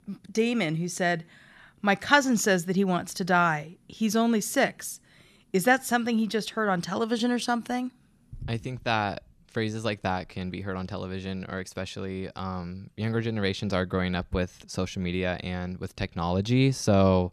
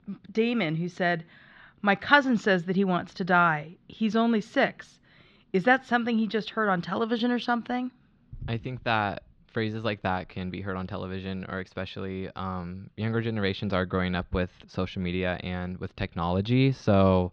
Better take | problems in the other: first | muffled; slightly; fading above 3.5 kHz

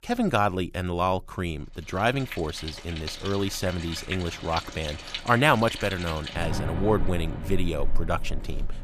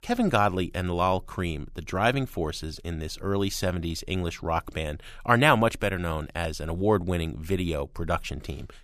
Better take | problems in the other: second | rain or running water; loud; from 2 s on; 8 dB below the speech

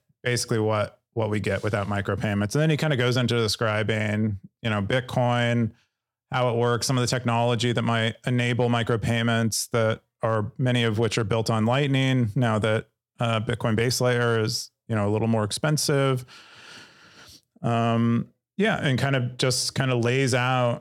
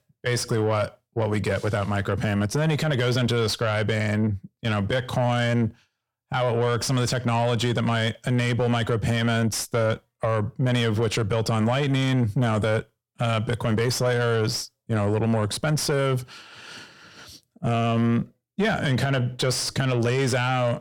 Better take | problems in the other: first | distortion; slight; 10 dB below the speech

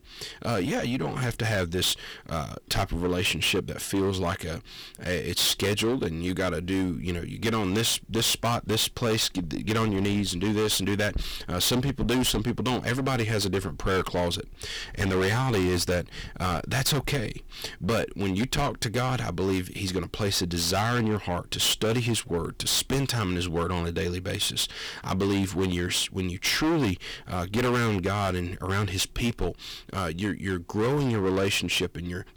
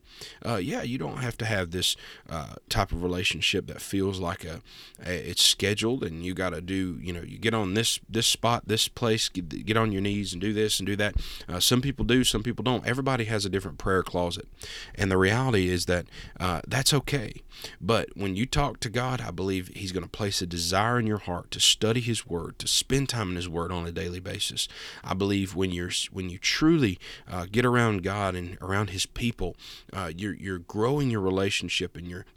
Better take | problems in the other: second | distortion; heavy; 18% of the sound clipped

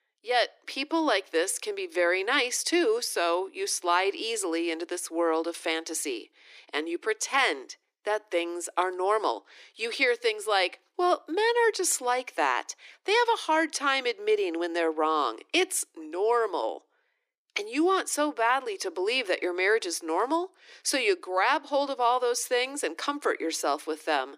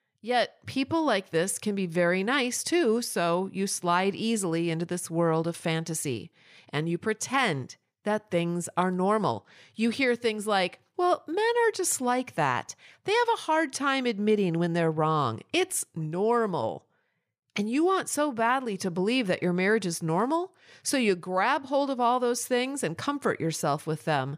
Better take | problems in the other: second | thin; somewhat; fading below 300 Hz

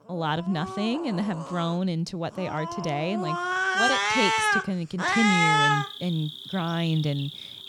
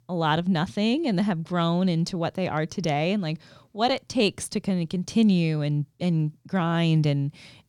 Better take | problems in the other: second | animal sounds; very loud; throughout; 4 dB above the speech

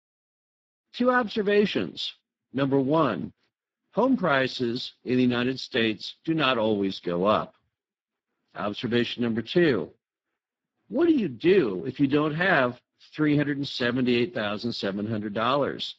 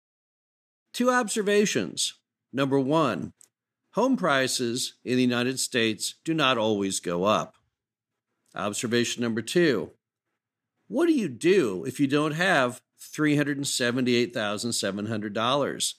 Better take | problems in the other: second | garbled, watery; badly; nothing above 7.5 kHz

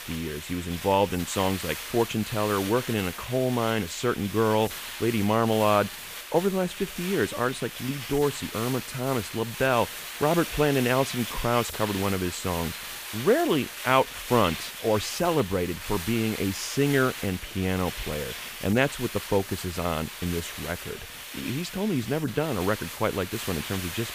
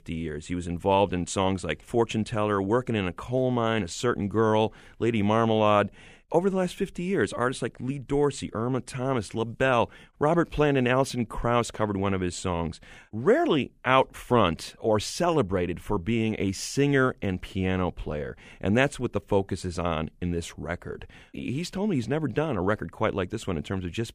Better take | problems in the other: second | hiss; loud; throughout; 8 dB below the speech

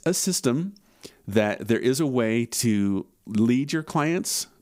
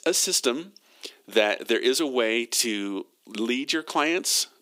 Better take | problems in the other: first | thin; somewhat; fading below 300 Hz

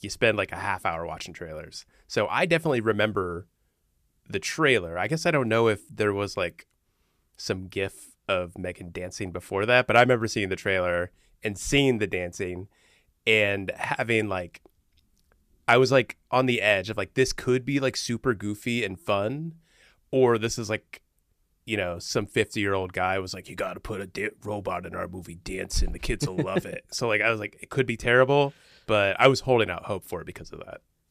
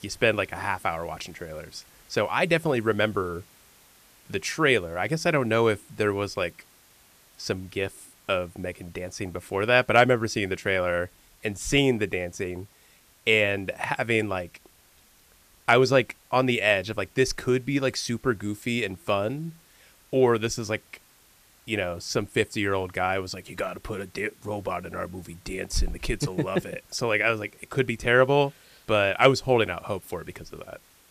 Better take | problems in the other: first | hiss; faint; throughout; 30 dB below the speech

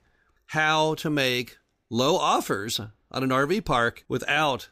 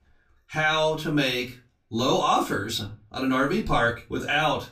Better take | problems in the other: first | off-mic speech; far // room echo; very slight; dies away in 0.2 s

